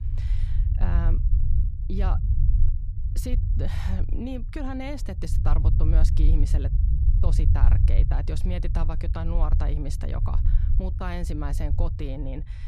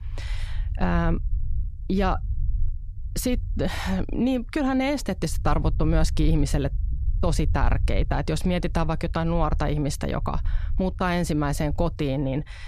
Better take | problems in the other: second | low rumble; loud; throughout; 6 dB below the speech; faint in the second

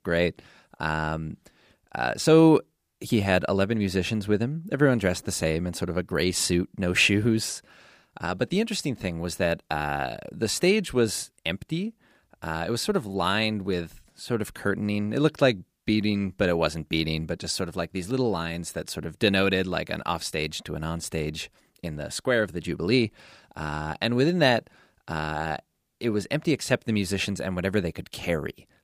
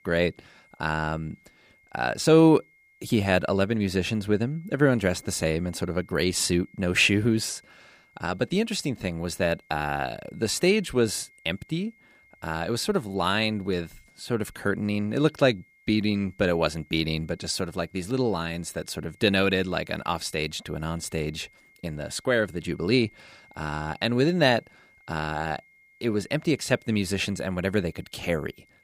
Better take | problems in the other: first | high-pitched whine; faint; throughout; 2 kHz, 30 dB below the speech

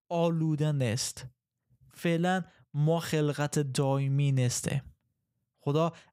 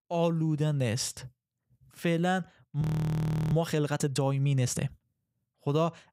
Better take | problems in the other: first | audio freezing; at 3 s for 0.5 s

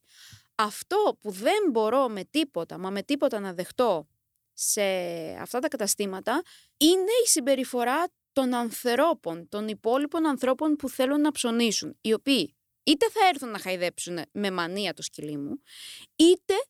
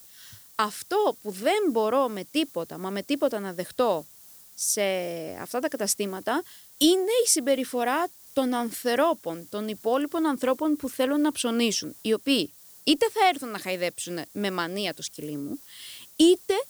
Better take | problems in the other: first | hiss; faint; throughout; 20 dB below the speech

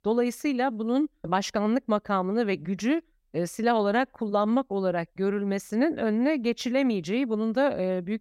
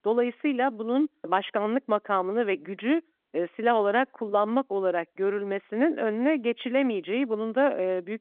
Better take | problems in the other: first | phone-call audio; nothing above 3.5 kHz

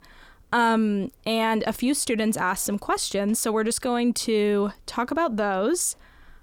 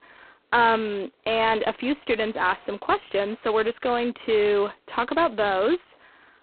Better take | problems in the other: first | phone-call audio; poor line; nothing above 4 kHz

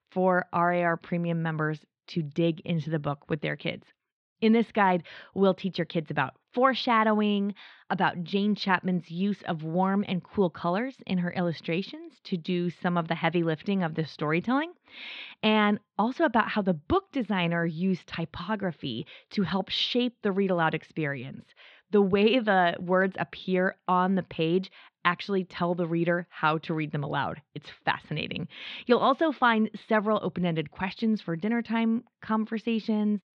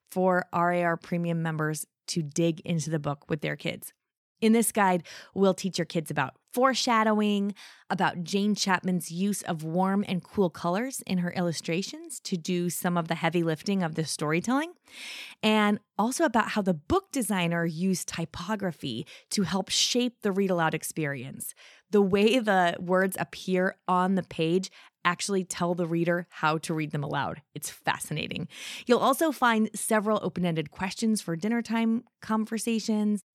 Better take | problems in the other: second | muffled; slightly; fading above 4 kHz

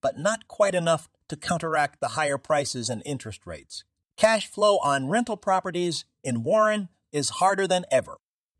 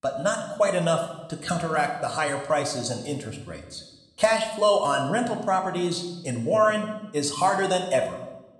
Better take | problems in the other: first | room echo; slight; dies away in 0.9 s

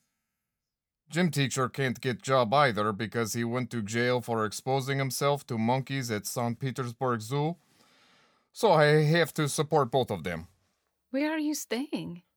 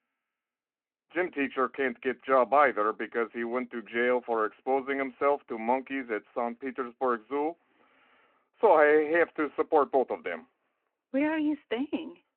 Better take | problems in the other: first | phone-call audio

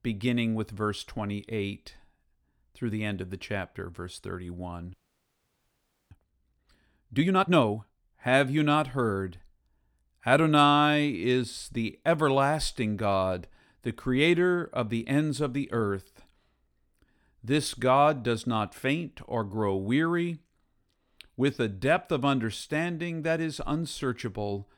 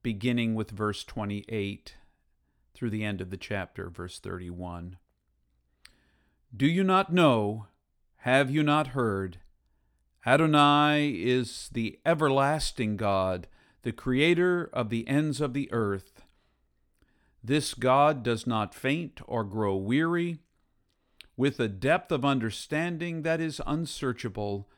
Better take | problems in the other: second | audio freezing; at 5 s for 1 s

